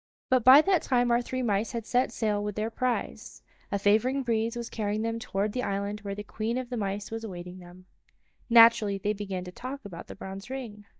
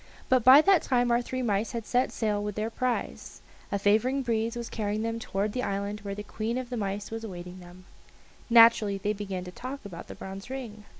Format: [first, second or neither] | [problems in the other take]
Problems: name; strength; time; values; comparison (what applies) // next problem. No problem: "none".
second | noise reduction (neural mask model DeepFilterNet 3)